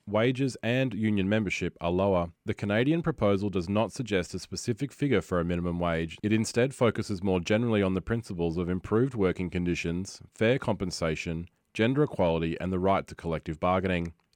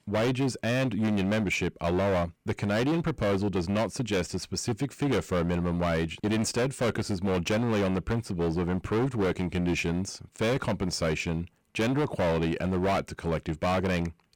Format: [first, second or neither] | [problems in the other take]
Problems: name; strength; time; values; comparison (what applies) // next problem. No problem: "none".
first | distortion; heavy; 21% of the sound clipped